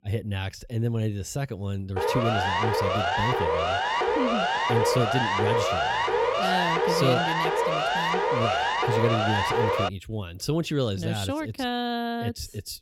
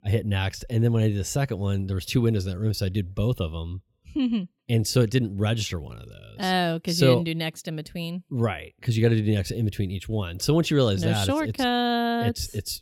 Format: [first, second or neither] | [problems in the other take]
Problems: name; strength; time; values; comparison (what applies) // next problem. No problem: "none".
second | siren; loud; from 2 to 10 s; peak 6 dB above the speech